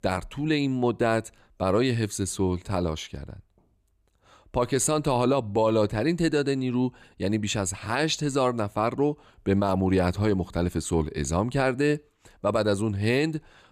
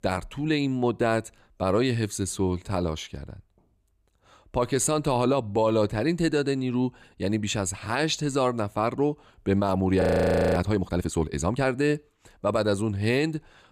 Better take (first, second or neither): first